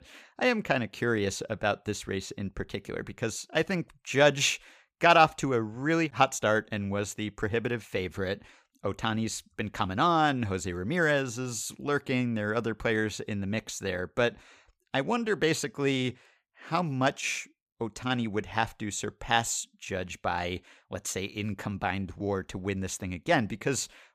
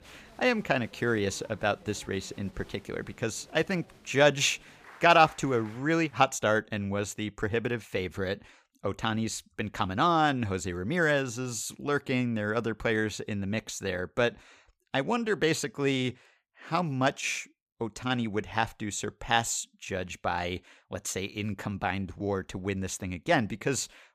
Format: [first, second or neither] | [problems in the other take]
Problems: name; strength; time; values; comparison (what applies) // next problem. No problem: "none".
first | crowd noise; faint; until 6 s; 25 dB below the speech